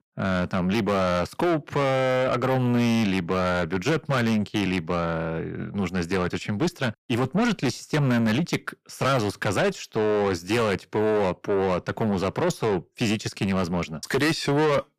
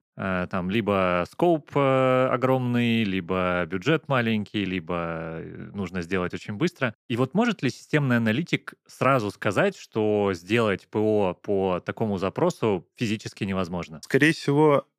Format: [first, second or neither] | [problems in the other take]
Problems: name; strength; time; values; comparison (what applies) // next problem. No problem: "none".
second | distortion; heavy; 6 dB below the speech